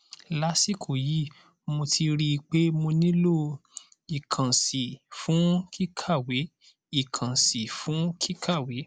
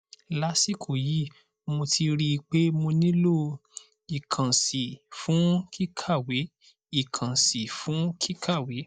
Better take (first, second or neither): first